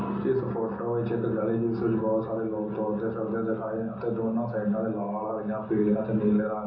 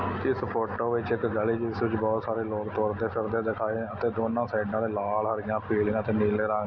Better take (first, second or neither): second